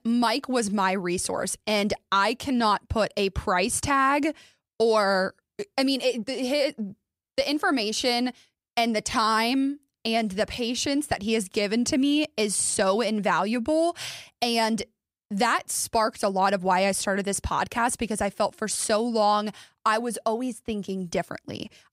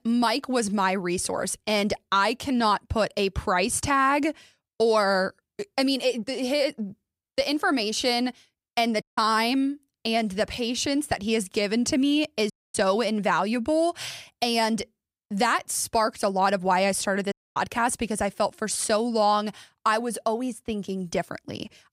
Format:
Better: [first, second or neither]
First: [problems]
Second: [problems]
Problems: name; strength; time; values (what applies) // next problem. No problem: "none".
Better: first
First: none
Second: audio cutting out; at 9 s, at 13 s and at 17 s